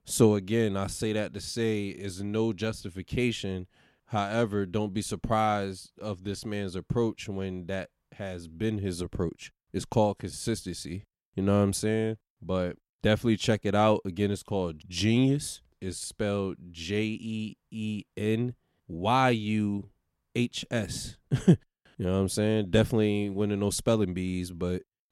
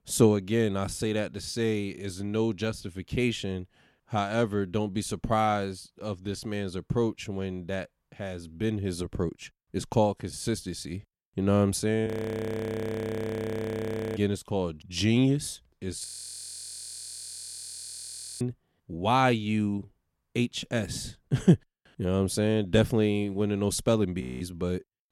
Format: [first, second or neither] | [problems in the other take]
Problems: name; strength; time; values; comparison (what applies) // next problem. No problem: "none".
first | audio freezing; at 12 s for 2 s, at 16 s for 2.5 s and at 24 s